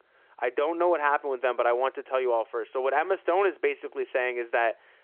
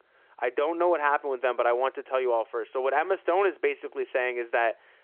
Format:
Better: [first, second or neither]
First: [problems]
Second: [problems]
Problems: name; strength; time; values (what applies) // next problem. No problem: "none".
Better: neither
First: phone-call audio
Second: phone-call audio